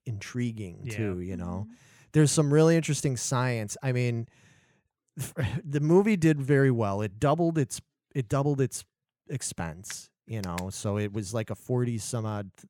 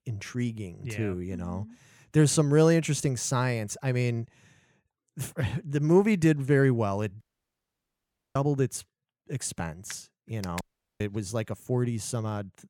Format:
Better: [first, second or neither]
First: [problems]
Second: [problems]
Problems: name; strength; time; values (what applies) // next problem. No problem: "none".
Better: first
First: none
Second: audio cutting out; at 7 s for 1 s and at 11 s